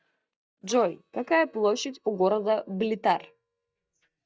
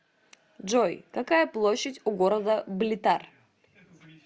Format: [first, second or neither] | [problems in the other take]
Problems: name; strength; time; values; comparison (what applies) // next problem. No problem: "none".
second | noise reduction (neural mask model DeepFilterNet 3)